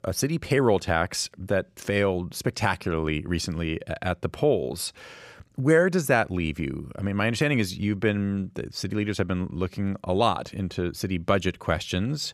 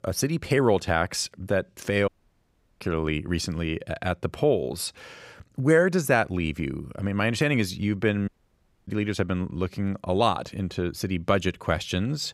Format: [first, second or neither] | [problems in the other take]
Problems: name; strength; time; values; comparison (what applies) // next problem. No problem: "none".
first | audio cutting out; at 2 s for 0.5 s and at 8.5 s for 0.5 s